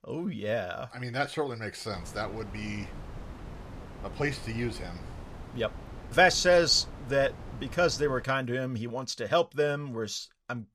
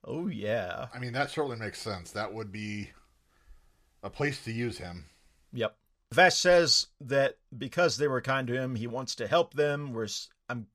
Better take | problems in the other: second | wind noise on the microphone; occasional gusts; from 2 to 8 s; 20 dB below the speech

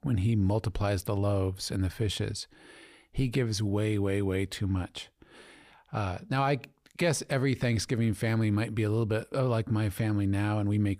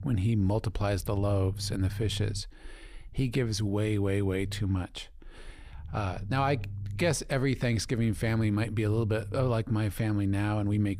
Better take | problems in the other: first | low rumble; faint; throughout; 20 dB below the speech

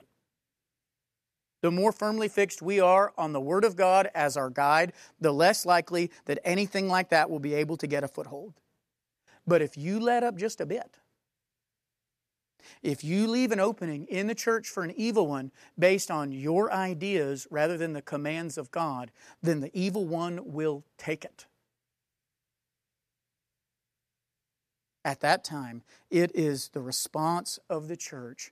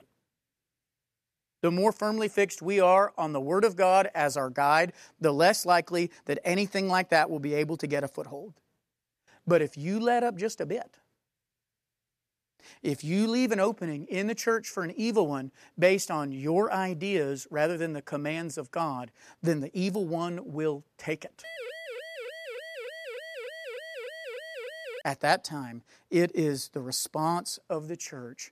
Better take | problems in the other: first | siren; faint; from 21 to 25 s; peak 10 dB below the speech

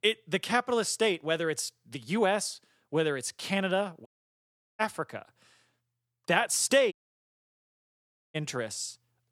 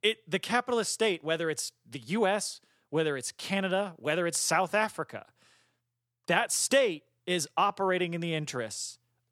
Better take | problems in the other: second | audio cutting out; at 4 s for 0.5 s and at 7 s for 1.5 s

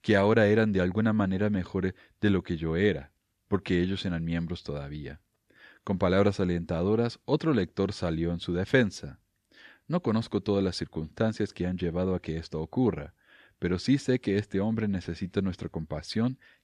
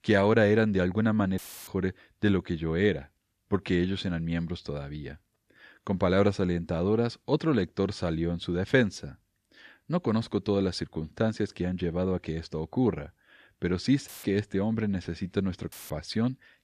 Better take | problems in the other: first | audio cutting out; filled with static; at 1.5 s, at 14 s and at 16 s

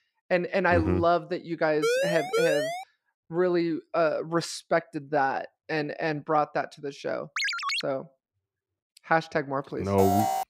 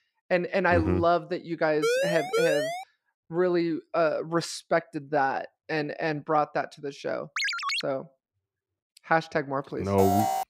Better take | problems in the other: neither | siren; loud; from 2 to 3 s; peak 2 dB above the speech; the same in both // phone ringing; loud; at 7.5 s; peak 1 dB above the speech; the same in both // alarm; loud; at 10 s; peak 1 dB above the speech; the same in both

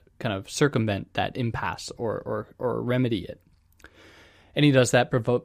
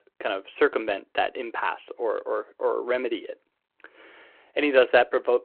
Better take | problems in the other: first | phone-call audio

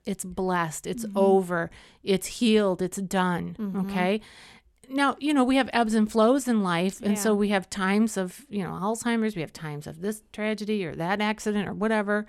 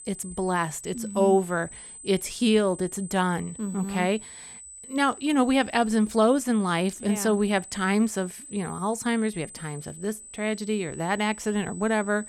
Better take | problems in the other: first | high-pitched whine; noticeable; throughout; 8 kHz, 15 dB below the speech

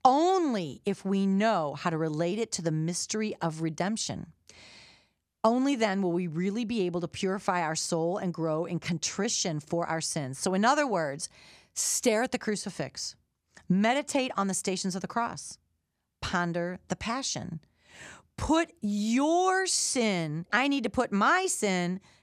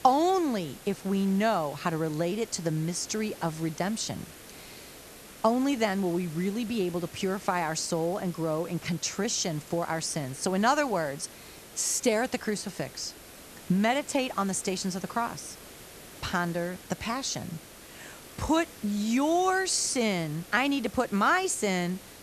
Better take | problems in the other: first | hiss; noticeable; throughout; 15 dB below the speech

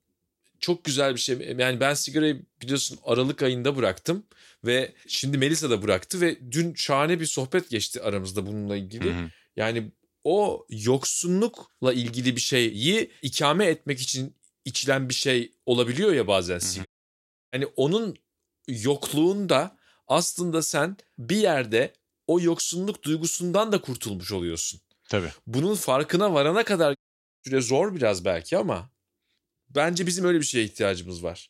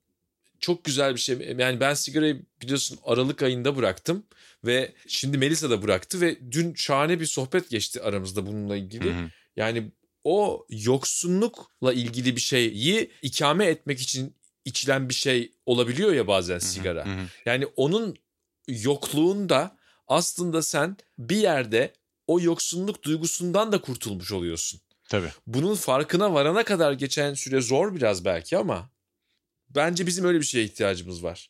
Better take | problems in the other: second | audio cutting out; at 17 s for 0.5 s and at 27 s

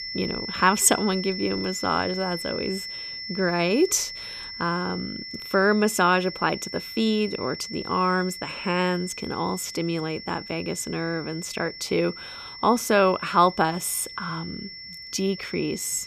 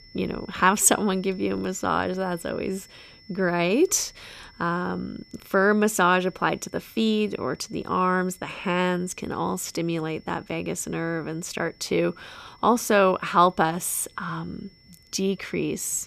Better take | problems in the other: second | high-pitched whine; loud; throughout; 5.5 kHz, 10 dB below the speech; faint in the second

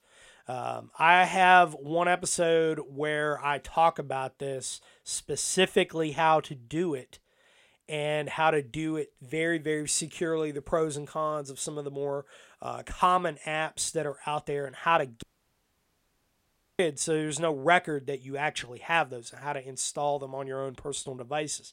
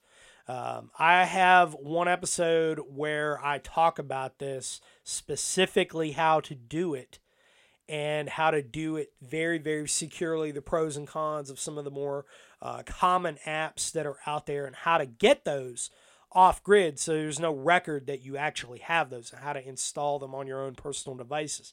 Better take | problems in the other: second | audio cutting out; at 15 s for 1.5 s

